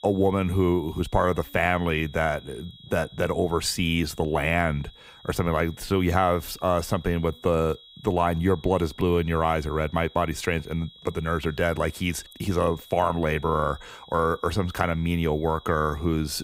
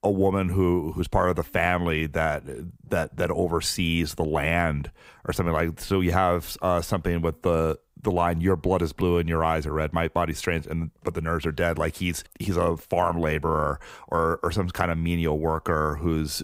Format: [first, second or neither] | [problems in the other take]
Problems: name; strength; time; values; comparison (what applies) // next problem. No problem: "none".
second | high-pitched whine; faint; throughout; 3.5 kHz, 20 dB below the speech